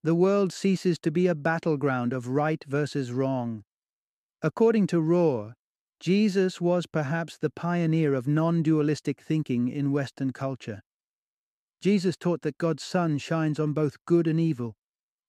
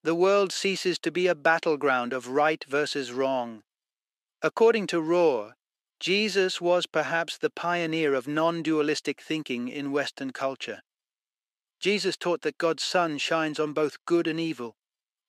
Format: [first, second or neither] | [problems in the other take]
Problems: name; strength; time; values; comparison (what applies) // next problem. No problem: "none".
first | thin; somewhat; fading below 450 Hz